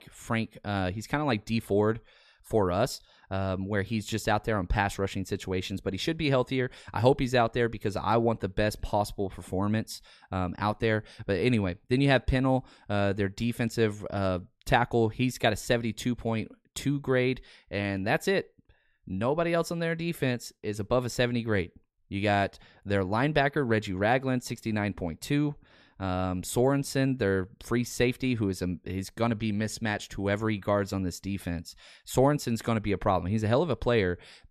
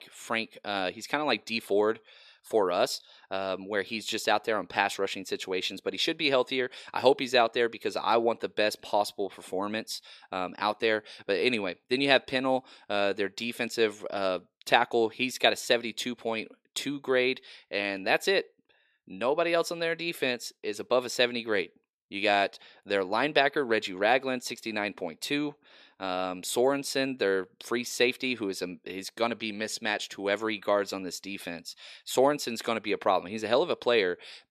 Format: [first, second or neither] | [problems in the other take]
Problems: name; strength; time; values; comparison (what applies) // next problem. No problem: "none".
first | thin; somewhat; fading below 400 Hz